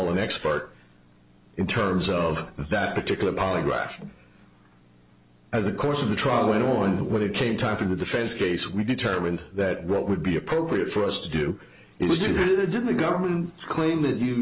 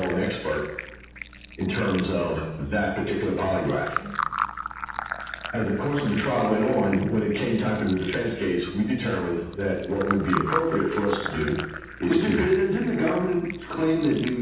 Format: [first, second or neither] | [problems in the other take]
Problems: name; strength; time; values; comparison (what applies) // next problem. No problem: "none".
first | background sound (Fill (with liquid)); 10 dB below the speech // room echo; dies away in 0.8 s